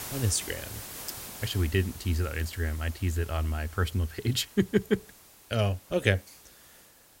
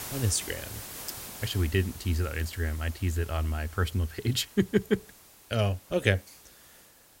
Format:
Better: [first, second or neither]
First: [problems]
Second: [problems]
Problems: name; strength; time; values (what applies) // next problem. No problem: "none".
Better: neither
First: hiss; noticeable; throughout; 15 dB below the speech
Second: hiss; noticeable; throughout; 15 dB below the speech